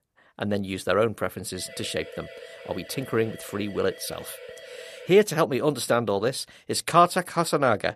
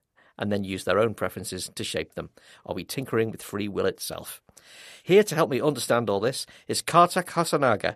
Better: second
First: siren; faint; from 1.5 to 5 s; peak 15 dB below the speech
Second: none

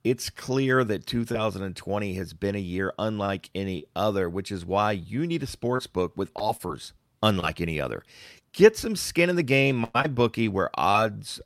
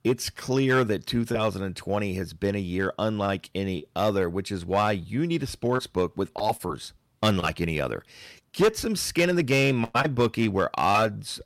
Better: first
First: none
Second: distortion; slight; 3% of the sound clipped

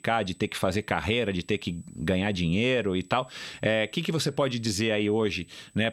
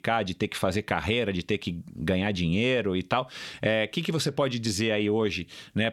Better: second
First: high-pitched whine; faint; throughout; 8 kHz, 30 dB below the speech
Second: none

